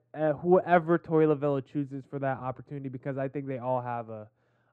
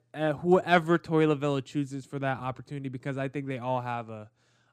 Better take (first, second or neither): second